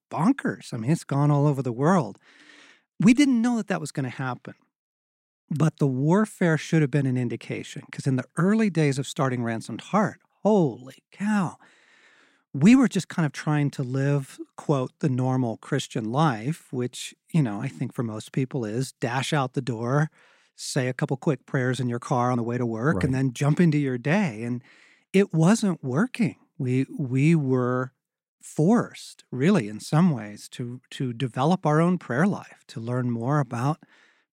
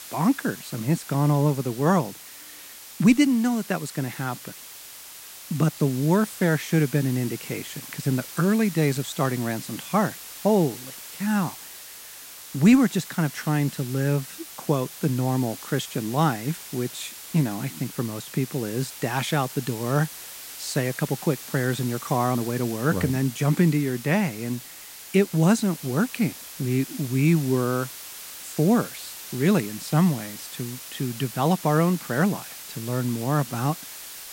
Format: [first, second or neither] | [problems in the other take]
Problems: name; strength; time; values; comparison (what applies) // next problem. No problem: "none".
first | hiss; noticeable; throughout; 15 dB below the speech